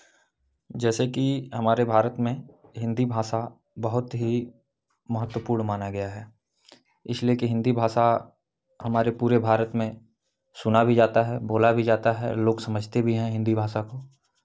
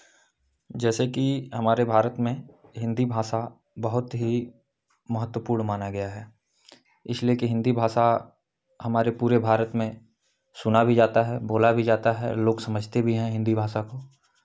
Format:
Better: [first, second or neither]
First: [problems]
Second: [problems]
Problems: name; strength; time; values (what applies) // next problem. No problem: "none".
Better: second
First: noise reduction (neural separator model SepFormer DNS4)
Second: none